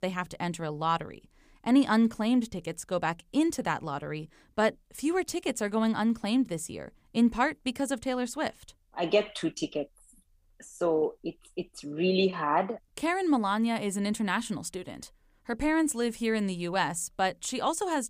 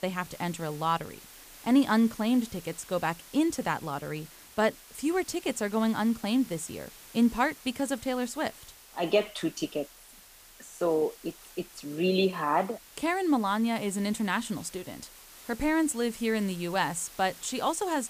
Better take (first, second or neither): first